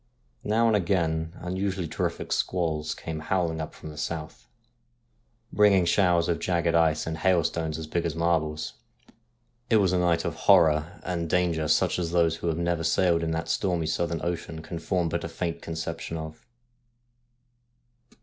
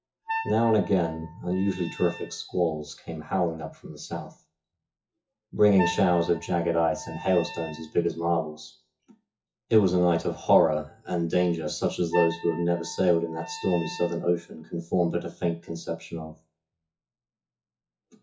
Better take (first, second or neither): first